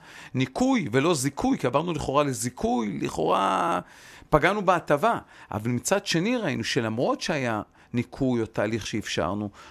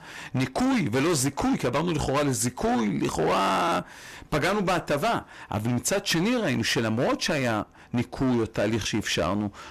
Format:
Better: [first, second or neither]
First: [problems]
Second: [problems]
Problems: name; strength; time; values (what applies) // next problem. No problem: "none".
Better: first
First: none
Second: distortion; heavy; 19% of the sound clipped